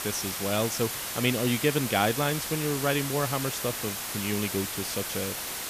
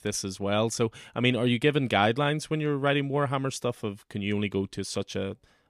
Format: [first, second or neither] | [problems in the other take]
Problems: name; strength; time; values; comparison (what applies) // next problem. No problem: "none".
second | hiss; loud; throughout; 2 dB below the speech